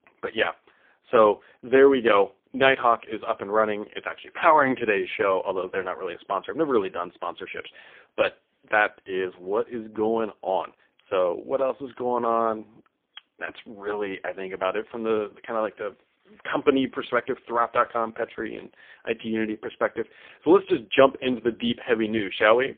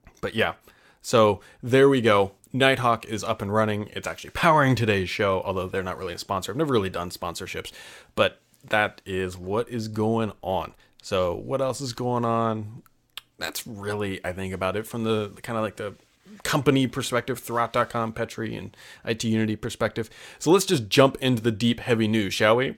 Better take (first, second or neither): second